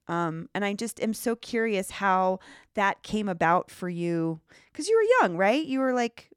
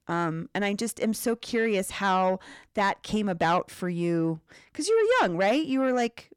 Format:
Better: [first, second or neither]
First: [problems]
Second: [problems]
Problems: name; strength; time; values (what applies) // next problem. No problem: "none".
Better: first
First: none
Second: distortion; slight; 10 dB below the speech